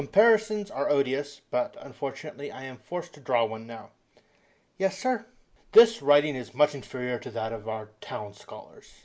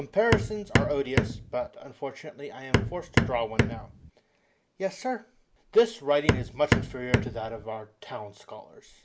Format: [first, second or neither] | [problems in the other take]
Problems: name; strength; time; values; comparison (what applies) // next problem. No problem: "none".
first | background sound (Hammer); 4 dB above the speech